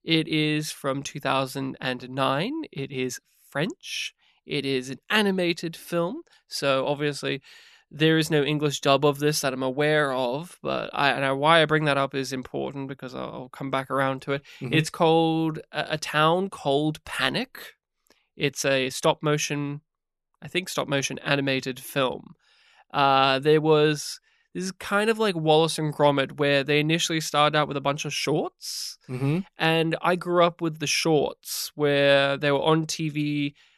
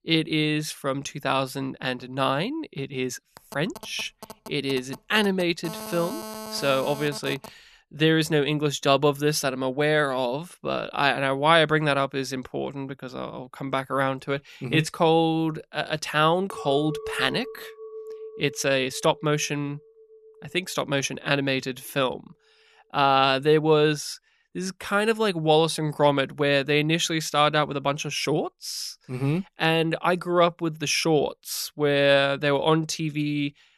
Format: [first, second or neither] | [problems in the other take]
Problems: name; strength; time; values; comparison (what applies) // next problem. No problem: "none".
first | phone ringing; faint; from 3.5 to 7.5 s; peak 10 dB below the speech // clattering dishes; noticeable; from 17 to 20 s; peak 10 dB below the speech